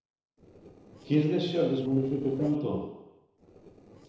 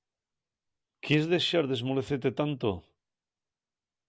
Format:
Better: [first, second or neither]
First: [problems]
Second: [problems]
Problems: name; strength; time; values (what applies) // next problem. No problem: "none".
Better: second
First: noise reduction (neural separator model SepFormer DNS4)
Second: none